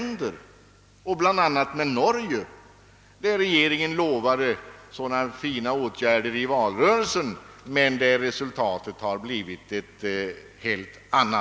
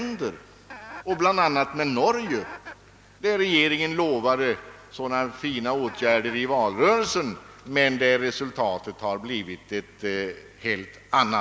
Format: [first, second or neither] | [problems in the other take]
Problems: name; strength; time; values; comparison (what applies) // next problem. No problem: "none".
first | background sound (Chicken, rooster); 19 dB below the speech